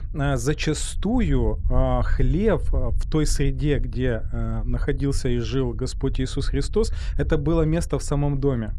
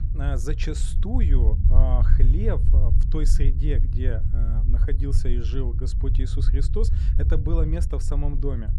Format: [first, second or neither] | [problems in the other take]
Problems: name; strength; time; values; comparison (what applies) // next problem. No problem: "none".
first | low rumble; loud; throughout; 6 dB below the speech; faint in the first